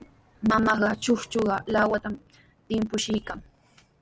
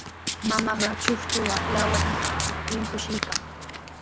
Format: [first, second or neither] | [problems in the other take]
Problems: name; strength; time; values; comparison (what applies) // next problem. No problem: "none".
first | background sound (Car passing by + Domestic sounds, home sounds); 2 dB above the speech